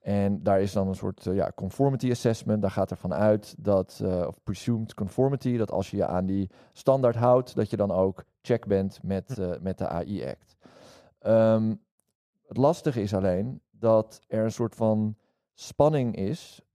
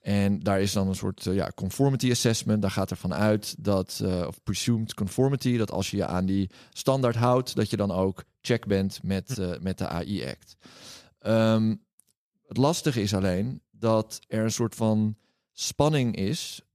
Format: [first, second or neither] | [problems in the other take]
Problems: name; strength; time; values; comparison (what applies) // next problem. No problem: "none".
second | muffled; very; fading above 2 kHz